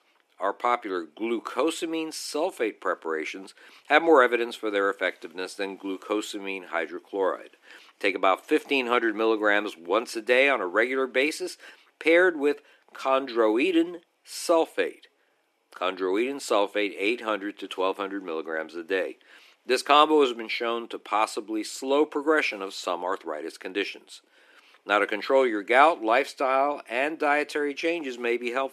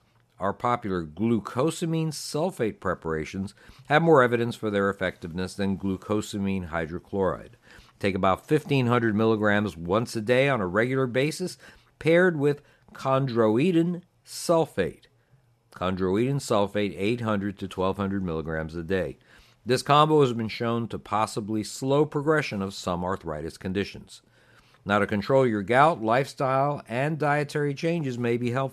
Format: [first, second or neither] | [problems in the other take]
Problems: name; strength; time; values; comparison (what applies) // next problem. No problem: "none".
second | thin; somewhat; fading below 300 Hz